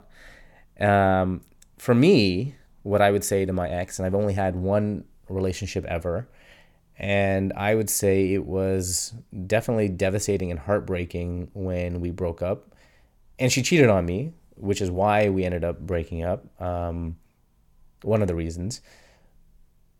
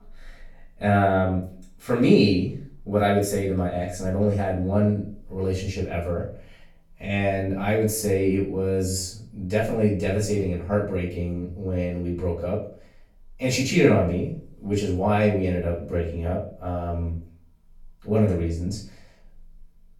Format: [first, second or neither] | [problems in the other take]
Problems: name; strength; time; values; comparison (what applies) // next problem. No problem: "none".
first | off-mic speech; far // room echo; noticeable; dies away in 0.4 s